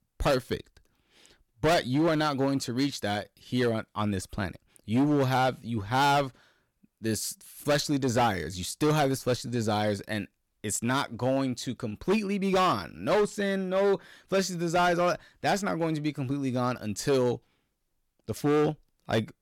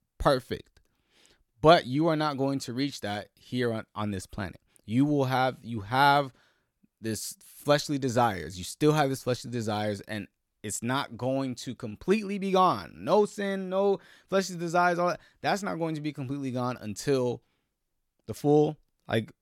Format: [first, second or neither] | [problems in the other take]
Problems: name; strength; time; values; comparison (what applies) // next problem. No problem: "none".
second | distortion; heavy; 8% of the sound clipped